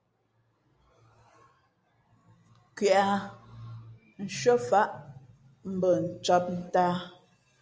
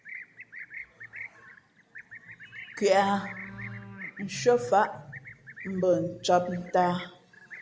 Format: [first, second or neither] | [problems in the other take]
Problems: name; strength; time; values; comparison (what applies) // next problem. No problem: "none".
first | background sound (Livestock, farm animals, working animals); 16 dB below the speech